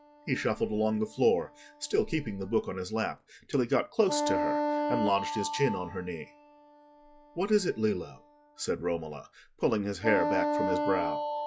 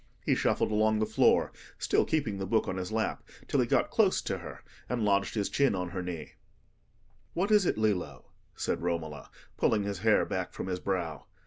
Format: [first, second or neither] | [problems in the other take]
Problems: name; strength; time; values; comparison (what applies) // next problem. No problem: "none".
second | noise reduction (classical method log-MMSE)